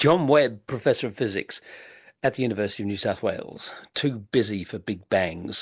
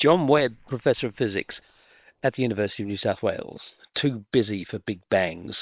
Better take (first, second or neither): first